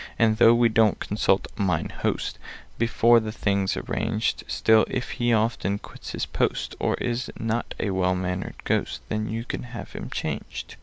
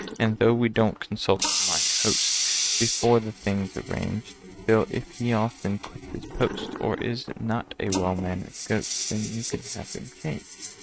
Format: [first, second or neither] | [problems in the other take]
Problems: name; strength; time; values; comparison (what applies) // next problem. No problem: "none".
first | noise reduction (neural mask model RNNoise)